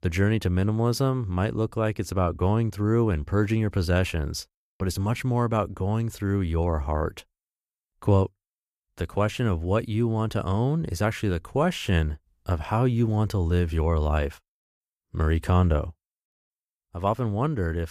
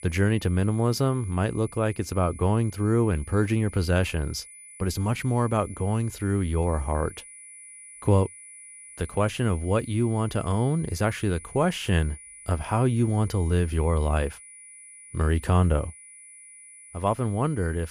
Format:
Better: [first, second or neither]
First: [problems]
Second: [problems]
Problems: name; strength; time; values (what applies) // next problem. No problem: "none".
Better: first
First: none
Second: high-pitched whine; noticeable; throughout; 10 kHz, 20 dB below the speech